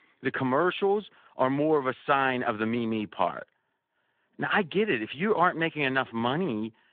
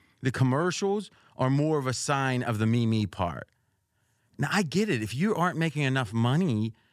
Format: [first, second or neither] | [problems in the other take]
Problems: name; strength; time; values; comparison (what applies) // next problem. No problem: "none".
second | phone-call audio